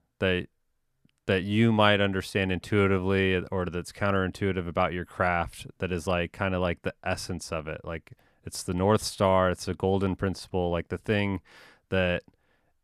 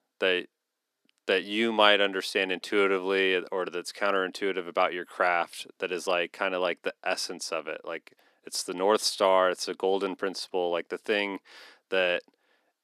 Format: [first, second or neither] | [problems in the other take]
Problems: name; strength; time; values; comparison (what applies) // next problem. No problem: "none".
first | thin; somewhat; fading below 300 Hz